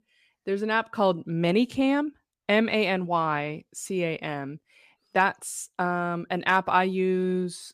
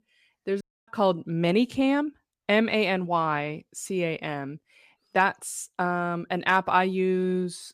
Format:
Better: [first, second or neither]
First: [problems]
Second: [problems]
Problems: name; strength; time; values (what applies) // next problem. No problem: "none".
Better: first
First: none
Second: audio cutting out; at 0.5 s